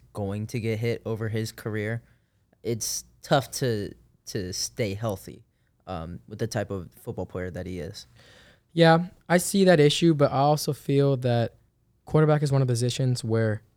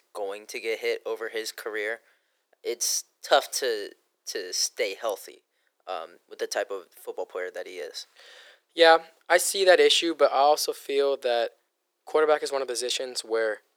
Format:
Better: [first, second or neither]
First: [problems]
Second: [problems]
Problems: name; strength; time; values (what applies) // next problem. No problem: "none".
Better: first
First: none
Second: thin; very; fading below 400 Hz